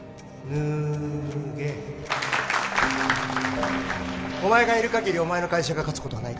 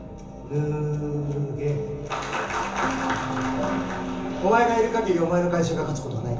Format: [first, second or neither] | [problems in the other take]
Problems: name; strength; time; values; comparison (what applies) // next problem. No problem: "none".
first | background sound (Bass drum); 20 dB below the speech // room echo; dies away in 0.7 s